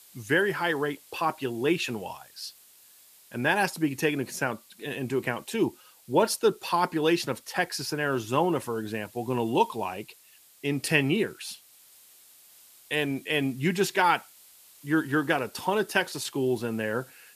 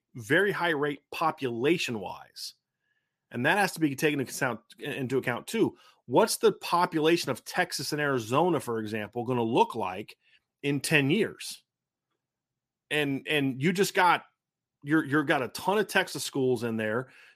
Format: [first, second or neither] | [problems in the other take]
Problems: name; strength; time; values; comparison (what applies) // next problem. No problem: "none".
second | hiss; faint; throughout; 25 dB below the speech